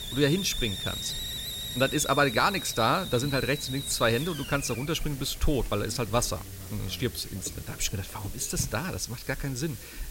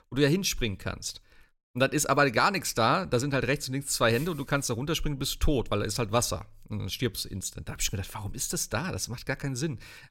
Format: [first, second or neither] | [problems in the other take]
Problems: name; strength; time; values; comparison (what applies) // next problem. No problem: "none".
second | hiss; loud; throughout; 8 dB below the speech